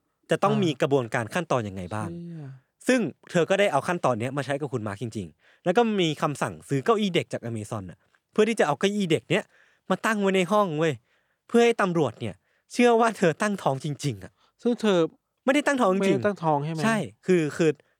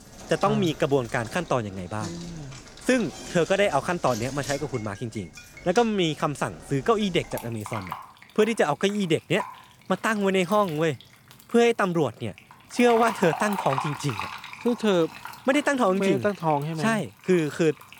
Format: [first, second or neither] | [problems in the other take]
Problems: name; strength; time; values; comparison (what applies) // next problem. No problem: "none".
first | household noises; noticeable; throughout; 15 dB below the speech